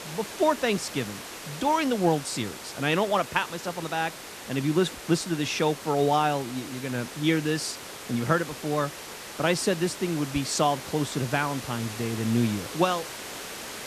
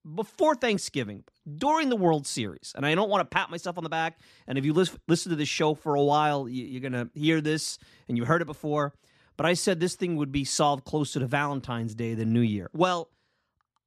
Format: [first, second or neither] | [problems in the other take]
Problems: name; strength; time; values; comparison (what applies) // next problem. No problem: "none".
second | hiss; noticeable; throughout; 10 dB below the speech